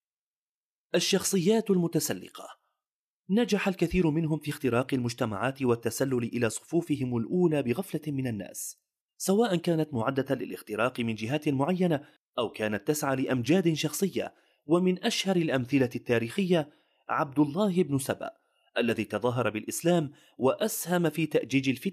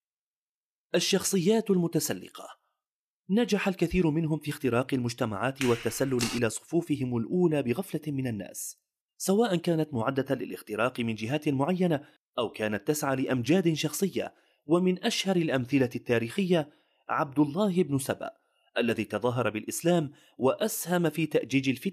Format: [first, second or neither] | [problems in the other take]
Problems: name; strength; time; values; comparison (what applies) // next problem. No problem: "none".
first | footsteps; noticeable; at 5.5 s; peak 5 dB below the speech